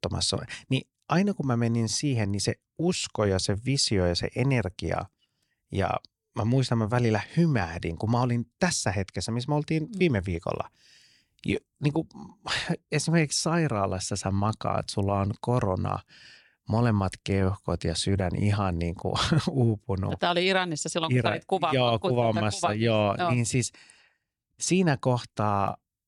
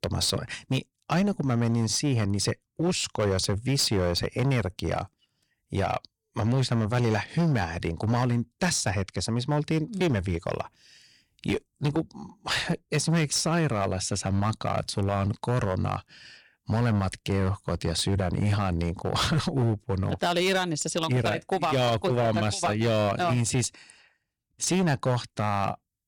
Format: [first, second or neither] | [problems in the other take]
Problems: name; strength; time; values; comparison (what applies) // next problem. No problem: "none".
first | distortion; slight; 9% of the sound clipped